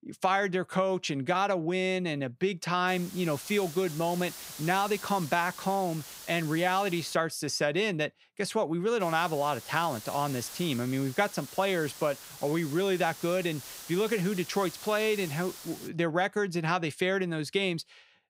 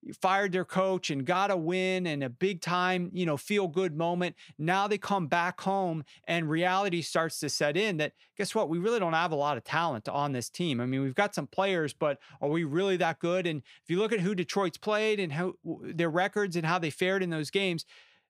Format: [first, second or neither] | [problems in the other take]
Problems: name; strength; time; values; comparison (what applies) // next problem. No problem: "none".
second | hiss; noticeable; from 3 to 7 s and from 9 to 16 s; 15 dB below the speech